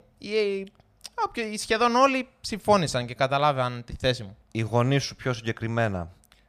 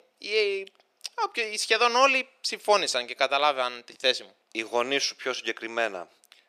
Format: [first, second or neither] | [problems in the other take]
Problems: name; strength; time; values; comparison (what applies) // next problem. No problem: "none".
first | thin; somewhat; fading below 350 Hz